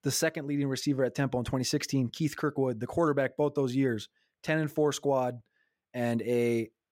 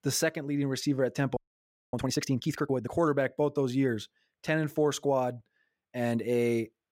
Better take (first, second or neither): first